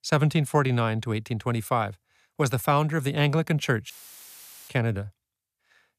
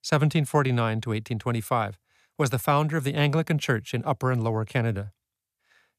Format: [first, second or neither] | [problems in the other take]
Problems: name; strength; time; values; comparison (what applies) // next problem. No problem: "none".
second | audio cutting out; filled with static; at 4 s for 1 s